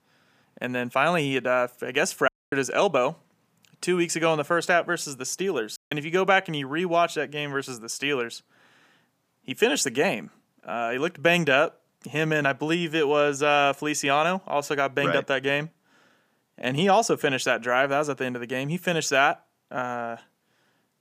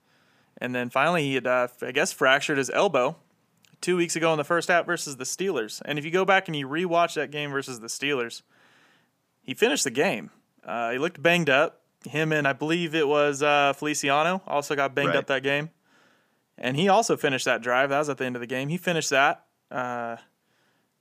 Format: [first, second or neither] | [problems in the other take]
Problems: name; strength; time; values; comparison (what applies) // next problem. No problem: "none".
second | audio cutting out; at 2.5 s and at 6 s